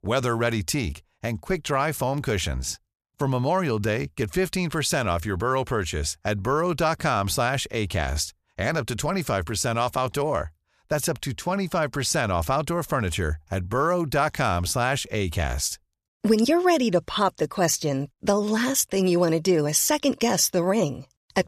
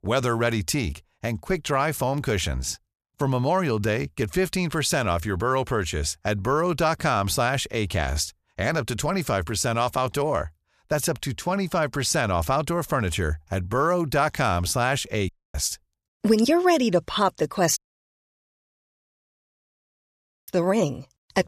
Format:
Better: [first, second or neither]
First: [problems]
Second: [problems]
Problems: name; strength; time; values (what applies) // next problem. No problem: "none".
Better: first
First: none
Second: audio cutting out; at 15 s and at 18 s for 2.5 s